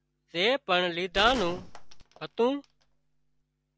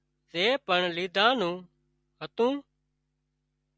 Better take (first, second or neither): second